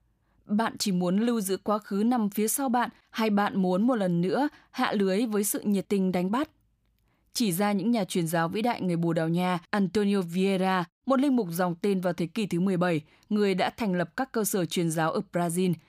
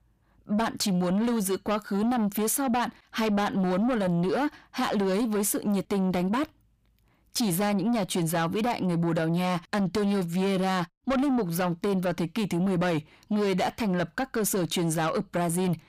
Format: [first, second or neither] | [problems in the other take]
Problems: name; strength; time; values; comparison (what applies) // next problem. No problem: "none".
first | distortion; slight; 10 dB below the speech